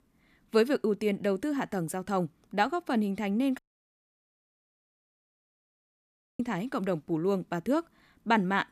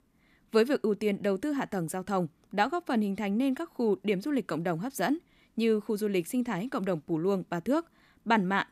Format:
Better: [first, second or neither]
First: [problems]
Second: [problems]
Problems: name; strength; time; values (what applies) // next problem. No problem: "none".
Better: second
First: audio cutting out; at 3.5 s for 3 s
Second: none